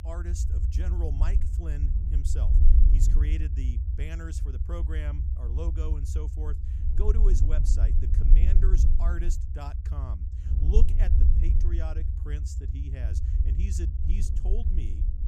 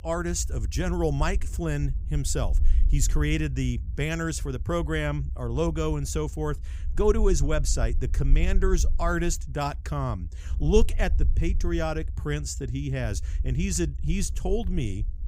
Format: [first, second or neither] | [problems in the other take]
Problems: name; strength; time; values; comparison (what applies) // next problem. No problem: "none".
second | low rumble; loud; throughout; 3 dB below the speech; faint in the second